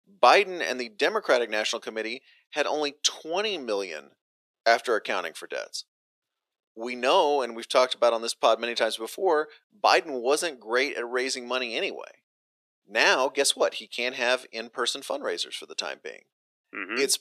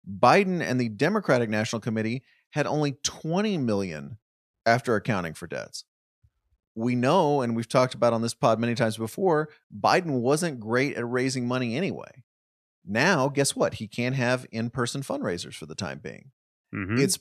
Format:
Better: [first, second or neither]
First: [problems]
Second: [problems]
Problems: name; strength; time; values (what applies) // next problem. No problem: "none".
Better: second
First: thin; very; fading below 350 Hz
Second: none